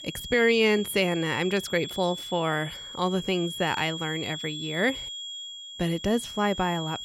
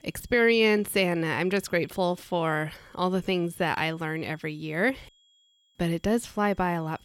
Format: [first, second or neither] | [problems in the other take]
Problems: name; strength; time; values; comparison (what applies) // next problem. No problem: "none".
second | high-pitched whine; loud; throughout; 3.5 kHz, 9 dB below the speech; faint in the second